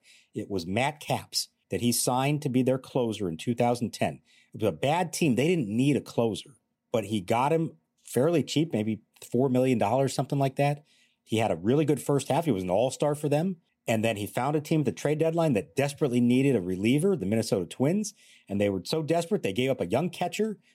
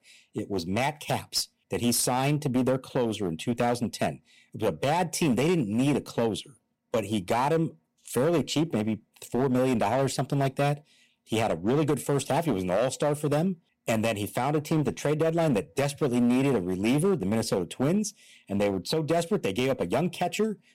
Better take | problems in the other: first | distortion; slight; 8% of the sound clipped

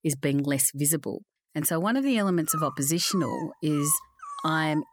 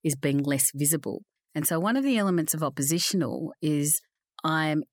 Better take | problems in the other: second | dog barking; noticeable; from 2.5 s on; peak 8 dB below the speech

